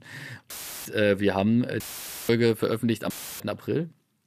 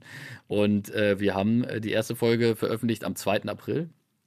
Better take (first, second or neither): second